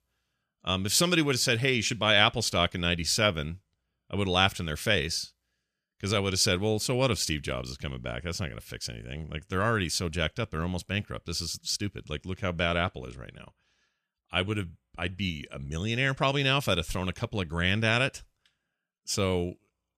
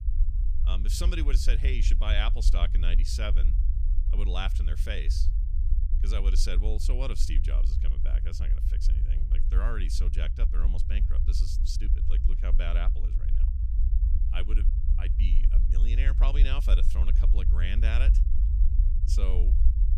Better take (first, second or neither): first